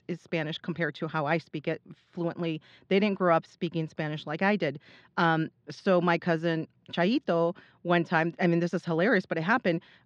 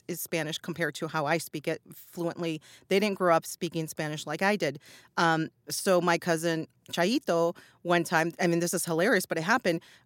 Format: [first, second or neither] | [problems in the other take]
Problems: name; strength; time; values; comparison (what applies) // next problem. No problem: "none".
second | muffled; slightly; fading above 4 kHz